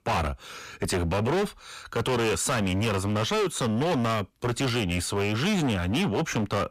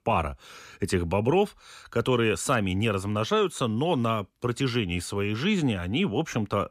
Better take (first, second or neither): second